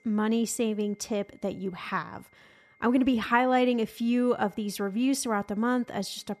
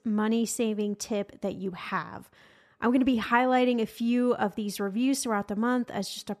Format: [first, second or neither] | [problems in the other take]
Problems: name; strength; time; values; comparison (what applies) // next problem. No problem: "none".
second | high-pitched whine; faint; throughout; 2 kHz, 35 dB below the speech